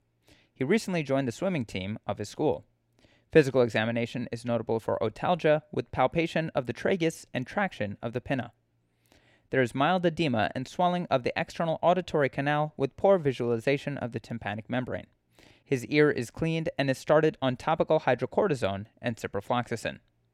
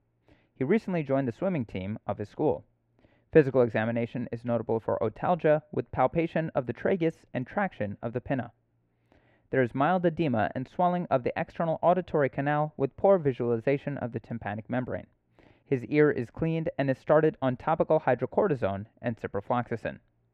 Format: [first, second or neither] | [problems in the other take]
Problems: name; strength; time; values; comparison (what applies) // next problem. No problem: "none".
first | muffled; very; fading above 3.5 kHz